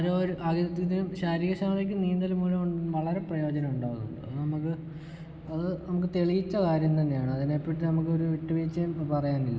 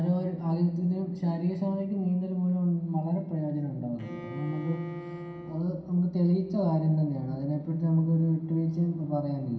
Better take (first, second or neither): first